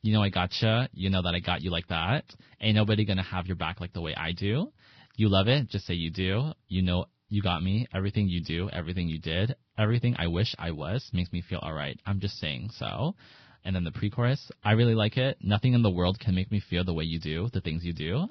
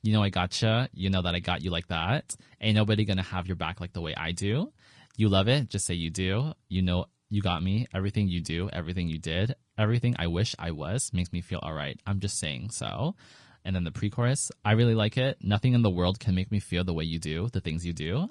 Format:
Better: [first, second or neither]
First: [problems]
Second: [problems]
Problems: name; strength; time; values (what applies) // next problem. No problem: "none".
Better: second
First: garbled, watery; badly; nothing above 5.5 kHz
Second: garbled, watery; slightly; nothing above 10 kHz